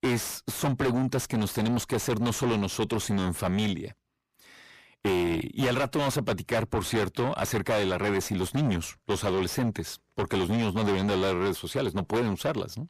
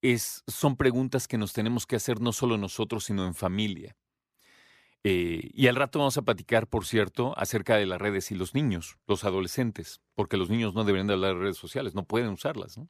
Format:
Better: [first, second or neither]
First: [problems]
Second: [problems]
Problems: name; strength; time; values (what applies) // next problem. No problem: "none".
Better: second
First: distortion; heavy; 5 dB below the speech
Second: none